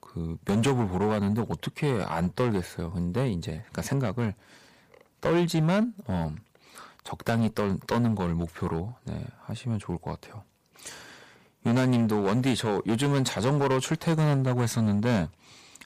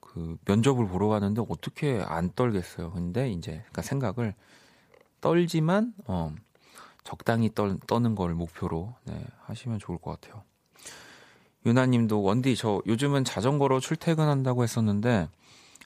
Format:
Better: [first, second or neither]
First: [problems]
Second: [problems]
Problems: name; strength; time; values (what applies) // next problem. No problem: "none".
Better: second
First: distortion; slight; 7% of the sound clipped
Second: none